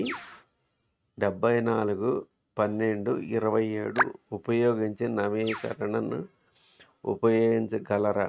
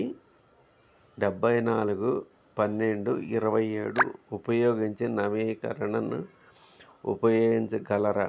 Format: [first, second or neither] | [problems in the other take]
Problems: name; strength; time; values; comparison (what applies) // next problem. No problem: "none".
second | noise reduction (neural mask model RNNoise)